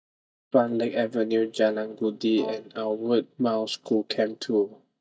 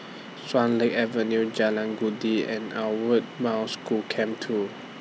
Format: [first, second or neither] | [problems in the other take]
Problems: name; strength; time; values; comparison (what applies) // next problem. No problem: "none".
second | noise reduction (neural mask model DeepFilterNet 3)